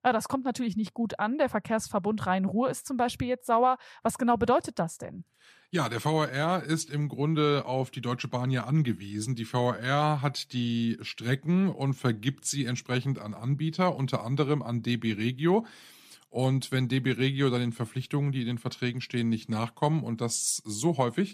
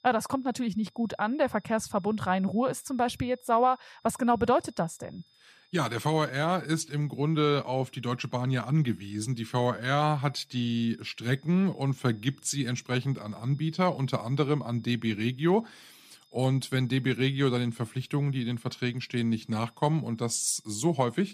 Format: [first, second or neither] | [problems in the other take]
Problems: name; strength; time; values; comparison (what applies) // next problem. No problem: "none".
first | high-pitched whine; faint; throughout; 3.5 kHz, 35 dB below the speech